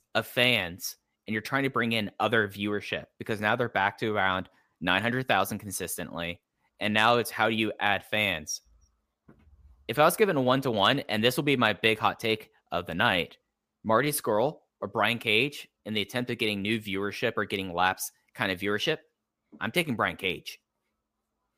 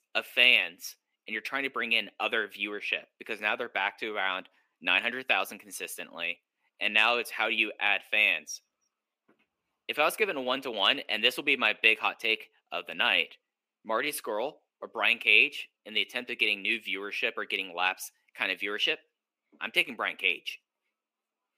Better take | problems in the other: first | thin; somewhat; fading below 300 Hz

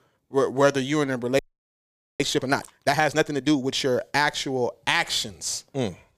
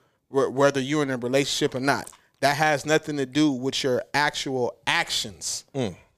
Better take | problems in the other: second | audio freezing; at 1.5 s for 1 s

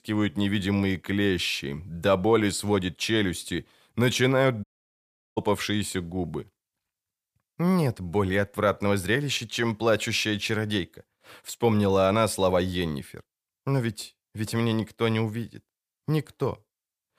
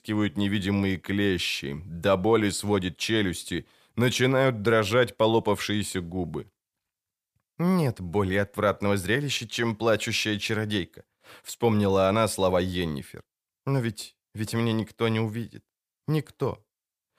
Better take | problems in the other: second | audio cutting out; at 4.5 s for 0.5 s

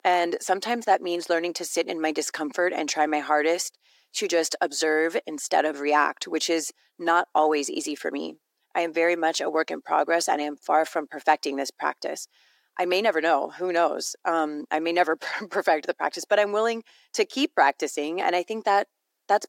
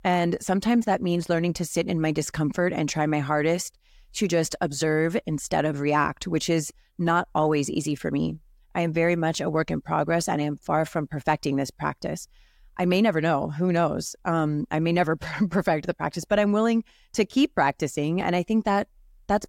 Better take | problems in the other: second | thin; somewhat; fading below 300 Hz

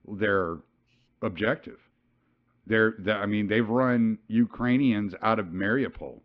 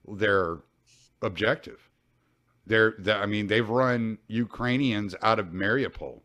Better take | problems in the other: second | muffled; slightly; fading above 3 kHz

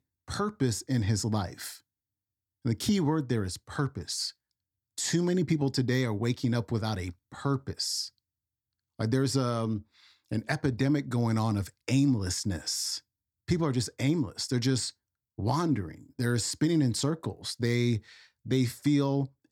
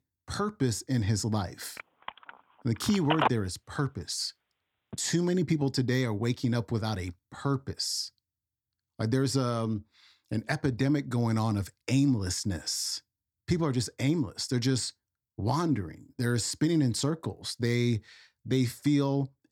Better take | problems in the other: first | phone ringing; loud; from 2 to 5 s; peak 1 dB above the speech

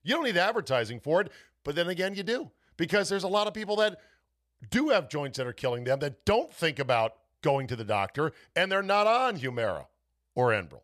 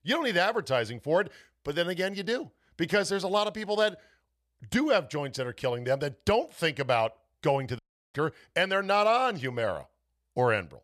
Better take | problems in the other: first | audio cutting out; at 8 s

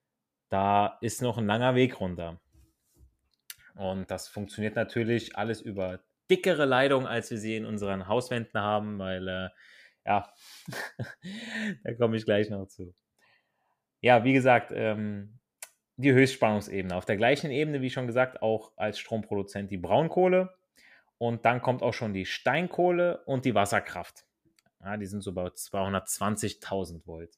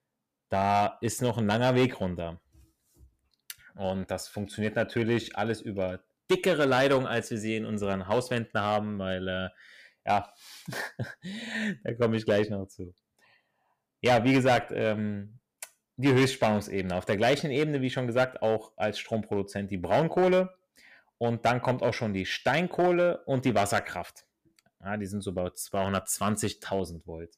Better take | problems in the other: first | distortion; slight; 3% of the sound clipped

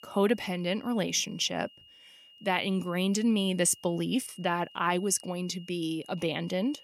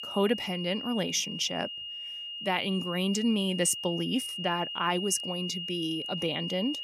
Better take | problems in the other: first | high-pitched whine; loud; throughout; 3 kHz, 5 dB below the speech; faint in the first

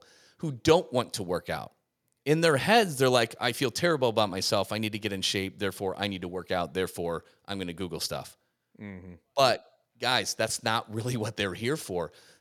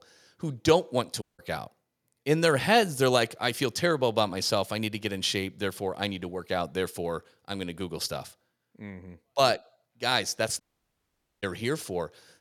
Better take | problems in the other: first | audio cutting out; at 1 s and at 11 s for 1 s

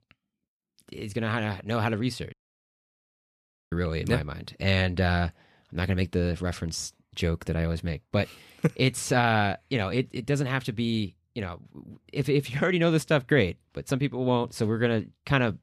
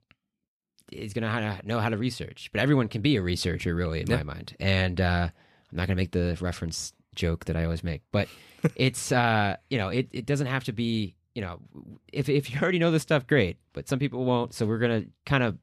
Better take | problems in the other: second | audio cutting out; at 2.5 s for 1.5 s

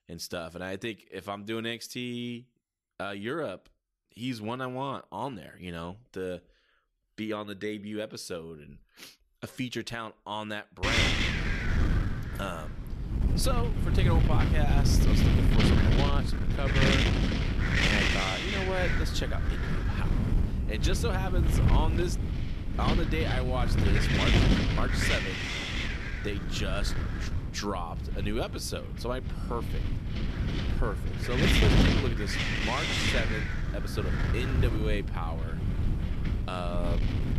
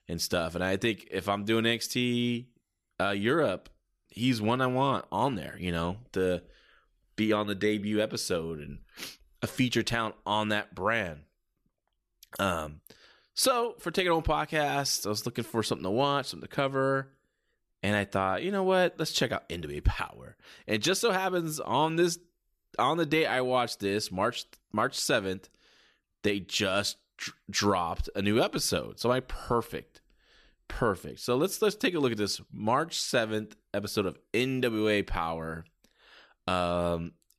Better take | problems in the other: second | wind noise on the microphone; heavy; from 11 s on; 4 dB above the speech

